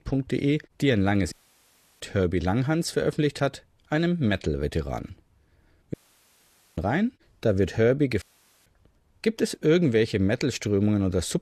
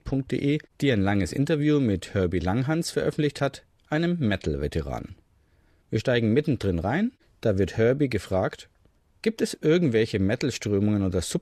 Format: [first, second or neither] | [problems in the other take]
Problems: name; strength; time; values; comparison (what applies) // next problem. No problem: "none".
second | audio cutting out; at 1.5 s for 0.5 s, at 6 s for 1 s and at 8 s